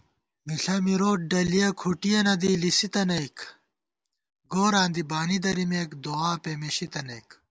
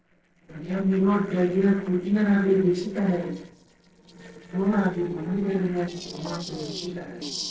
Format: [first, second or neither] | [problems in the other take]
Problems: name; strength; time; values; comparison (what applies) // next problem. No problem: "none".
first | noise reduction (neural separator model SepFormer DNS4)